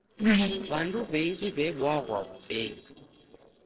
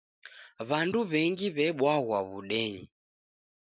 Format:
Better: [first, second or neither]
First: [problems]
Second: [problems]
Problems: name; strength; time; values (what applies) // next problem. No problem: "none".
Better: second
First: noise reduction (neural separator model SepFormer DNS4)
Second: none